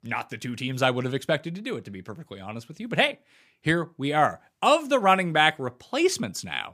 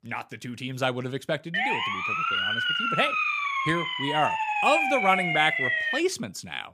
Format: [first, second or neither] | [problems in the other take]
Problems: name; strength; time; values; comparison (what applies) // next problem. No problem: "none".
first | siren; loud; from 1.5 to 6 s; peak 5 dB above the speech